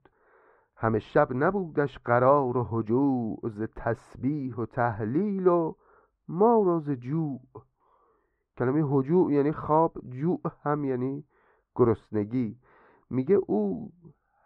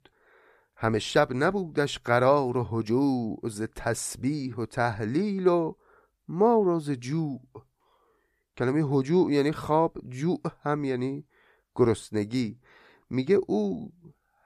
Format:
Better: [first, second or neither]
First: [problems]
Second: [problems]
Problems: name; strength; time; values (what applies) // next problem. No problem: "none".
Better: second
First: muffled; very; fading above 3.5 kHz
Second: none